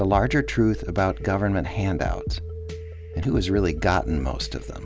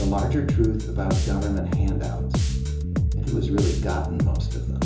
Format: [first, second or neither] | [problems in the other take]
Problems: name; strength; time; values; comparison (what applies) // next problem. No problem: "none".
first | background sound (Bass guitar); 4 dB above the speech // room echo; dies away in 0.6 s